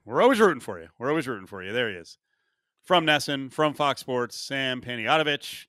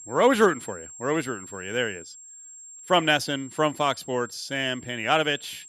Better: first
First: none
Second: high-pitched whine; noticeable; throughout; 7.5 kHz, 15 dB below the speech

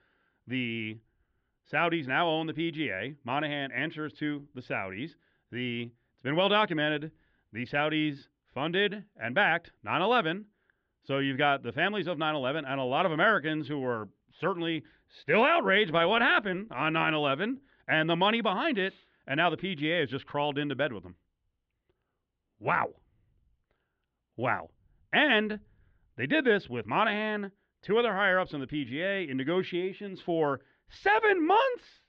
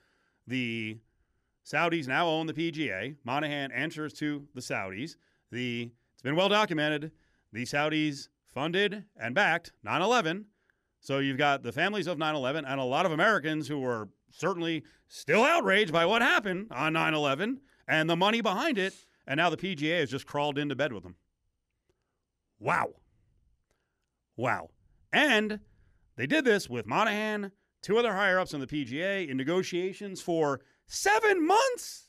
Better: second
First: muffled; very; fading above 3.5 kHz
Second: none

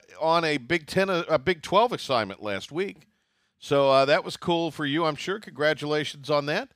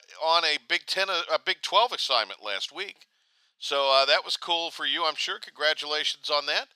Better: first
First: none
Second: thin; very; fading below 800 Hz

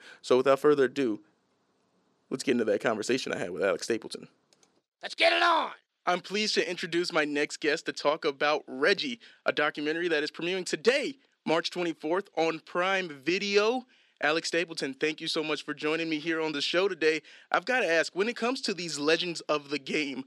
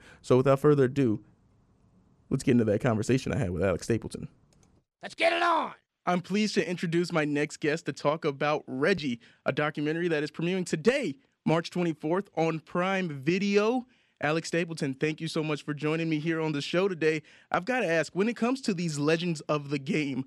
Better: second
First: thin; somewhat; fading below 350 Hz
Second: none

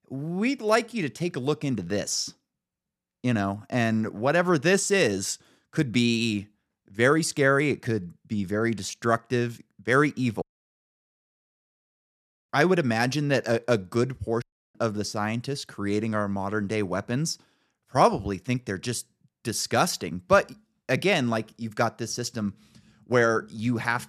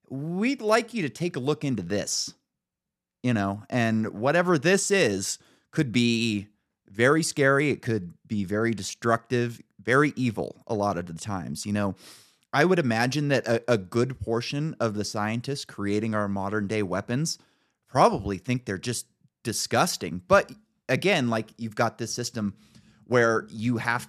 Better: second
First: audio cutting out; at 10 s for 2 s and at 14 s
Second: none

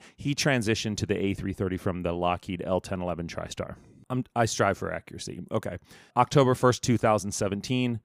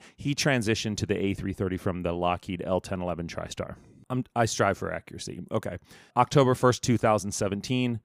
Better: neither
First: none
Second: none

